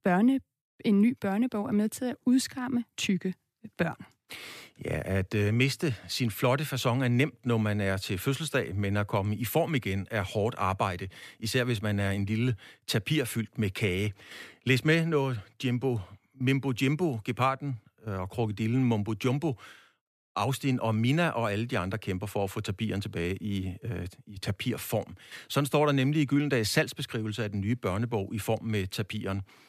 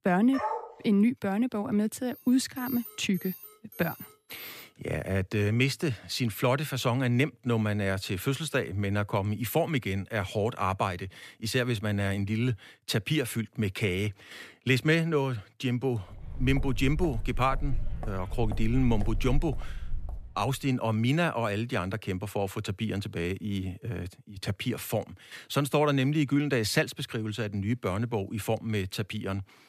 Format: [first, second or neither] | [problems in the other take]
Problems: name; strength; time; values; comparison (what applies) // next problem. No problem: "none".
first | dog barking; noticeable; at 0.5 s; peak 4 dB below the speech // alarm; faint; from 2 to 4.5 s; peak 10 dB below the speech // footsteps; noticeable; from 16 to 20 s; peak 6 dB below the speech